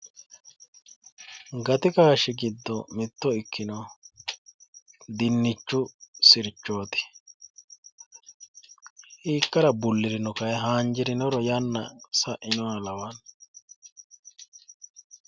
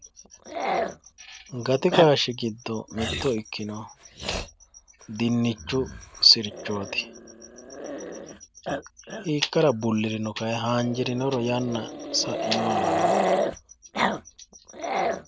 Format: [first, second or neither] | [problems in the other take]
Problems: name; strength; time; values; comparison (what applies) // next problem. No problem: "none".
first | background sound (Growling); 4 dB below the speech